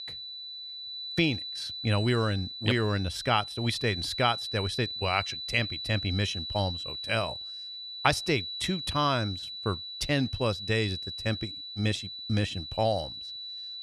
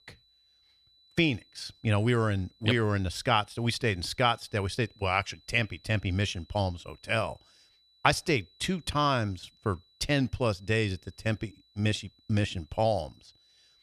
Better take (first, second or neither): second